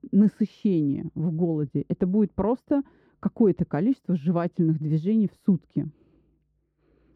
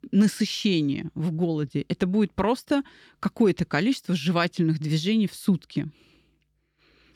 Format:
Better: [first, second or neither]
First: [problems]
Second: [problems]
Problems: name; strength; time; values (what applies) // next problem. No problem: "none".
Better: second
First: muffled; very; fading above 1.5 kHz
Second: none